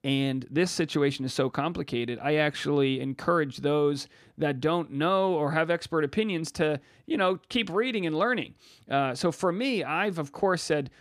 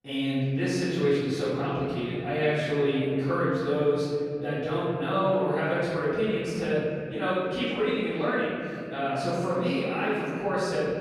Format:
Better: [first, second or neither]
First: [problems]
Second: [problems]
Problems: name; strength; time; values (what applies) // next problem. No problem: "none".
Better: first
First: none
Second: room echo; strong; dies away in 2.5 s // off-mic speech; far